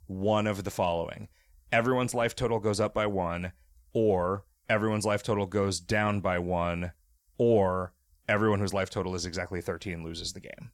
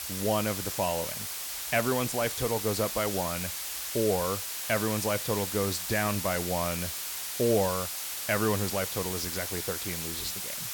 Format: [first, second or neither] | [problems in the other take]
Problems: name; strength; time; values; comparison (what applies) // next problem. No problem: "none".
first | hiss; loud; throughout; 2 dB below the speech